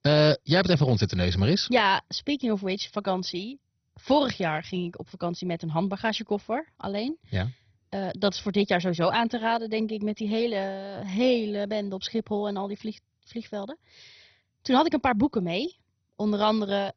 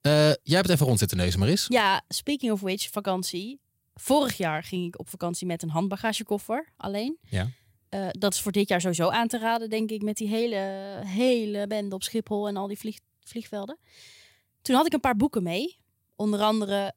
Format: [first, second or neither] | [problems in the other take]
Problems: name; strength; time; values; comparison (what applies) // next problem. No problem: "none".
second | garbled, watery; badly; nothing above 6 kHz